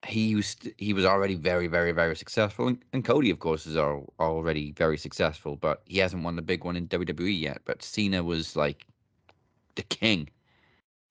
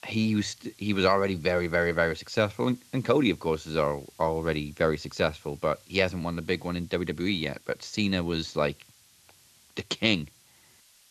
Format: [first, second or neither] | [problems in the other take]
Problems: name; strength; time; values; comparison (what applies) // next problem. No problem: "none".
first | hiss; faint; throughout; 25 dB below the speech